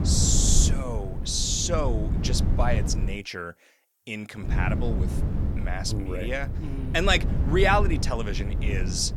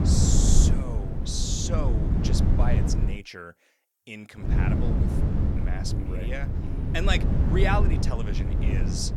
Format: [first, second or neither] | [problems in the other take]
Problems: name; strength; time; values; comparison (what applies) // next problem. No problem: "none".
first | wind noise on the microphone; heavy; until 3 s and from 4.5 s on; 3 dB below the speech; occasional gusts in the first